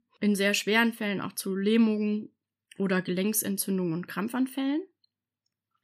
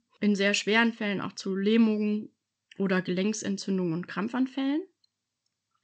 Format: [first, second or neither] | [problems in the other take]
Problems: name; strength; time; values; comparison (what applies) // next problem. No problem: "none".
first | garbled, watery; slightly